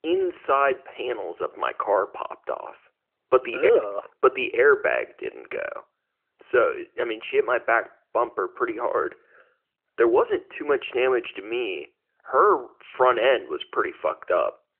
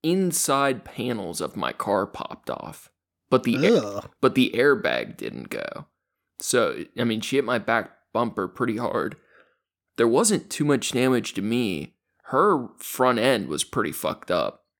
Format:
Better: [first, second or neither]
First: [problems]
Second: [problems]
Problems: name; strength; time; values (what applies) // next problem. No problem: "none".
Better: second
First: phone-call audio; nothing above 3 kHz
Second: none